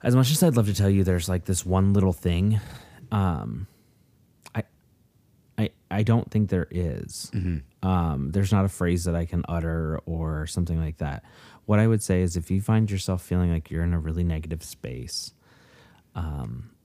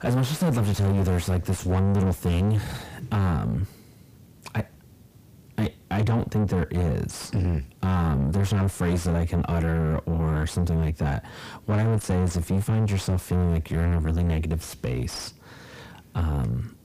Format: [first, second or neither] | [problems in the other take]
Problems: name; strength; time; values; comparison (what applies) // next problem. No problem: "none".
first | distortion; heavy; 6 dB below the speech